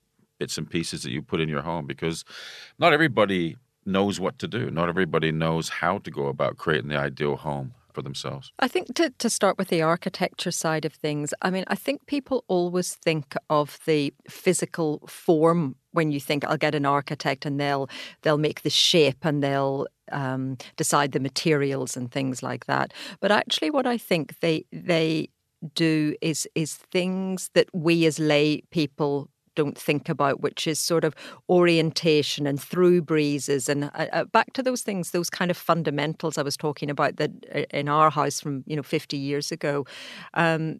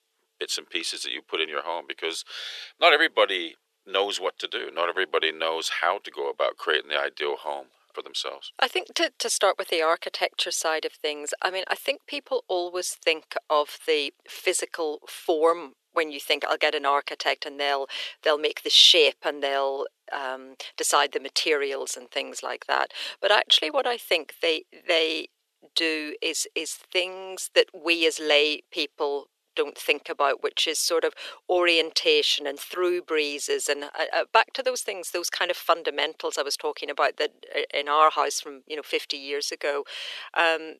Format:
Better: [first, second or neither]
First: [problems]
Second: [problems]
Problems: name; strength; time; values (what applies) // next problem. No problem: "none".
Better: first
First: none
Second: thin; very; fading below 400 Hz